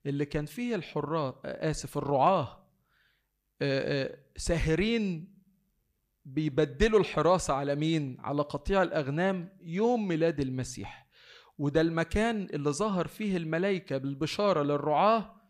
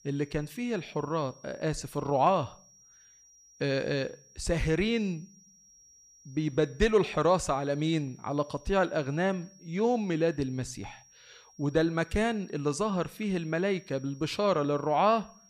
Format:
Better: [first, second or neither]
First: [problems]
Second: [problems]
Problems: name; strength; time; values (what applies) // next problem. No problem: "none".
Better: first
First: none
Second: high-pitched whine; faint; throughout; 5.5 kHz, 25 dB below the speech